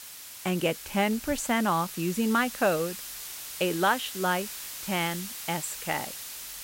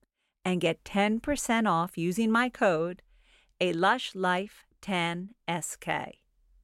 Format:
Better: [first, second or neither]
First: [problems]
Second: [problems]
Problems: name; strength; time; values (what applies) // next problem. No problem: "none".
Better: second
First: hiss; loud; throughout; 8 dB below the speech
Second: none